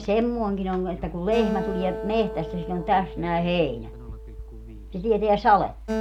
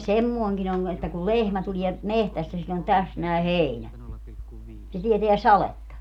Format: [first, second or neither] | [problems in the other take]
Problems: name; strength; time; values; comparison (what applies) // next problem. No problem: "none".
second | background sound (Acoustic guitar); 10 dB below the speech